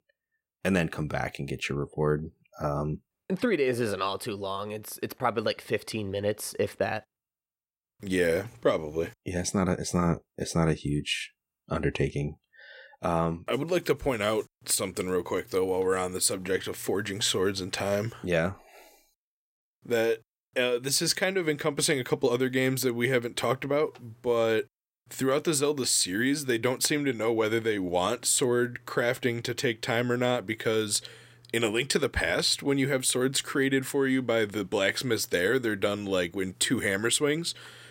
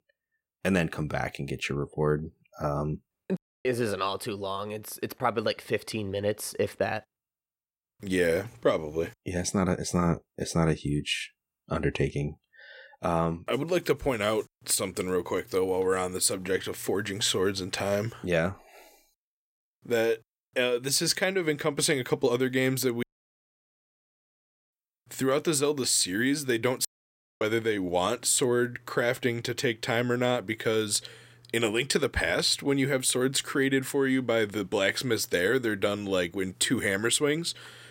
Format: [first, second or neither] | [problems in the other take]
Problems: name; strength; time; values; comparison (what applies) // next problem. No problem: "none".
first | audio cutting out; at 3.5 s, at 23 s for 1.5 s and at 27 s for 0.5 s